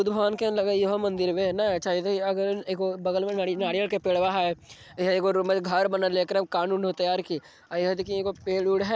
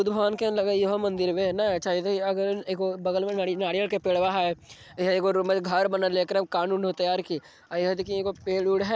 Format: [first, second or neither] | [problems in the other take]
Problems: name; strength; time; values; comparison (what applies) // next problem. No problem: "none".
second | background sound (Brass instrument); 19 dB below the speech